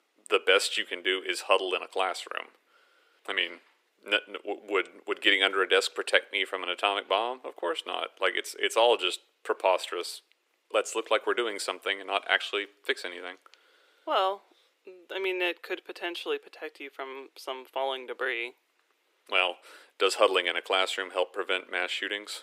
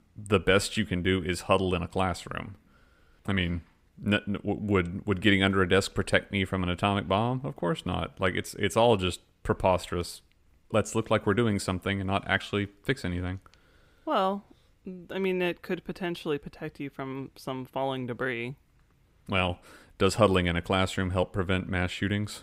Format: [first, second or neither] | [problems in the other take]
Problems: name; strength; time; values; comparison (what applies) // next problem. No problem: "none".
second | thin; very; fading below 350 Hz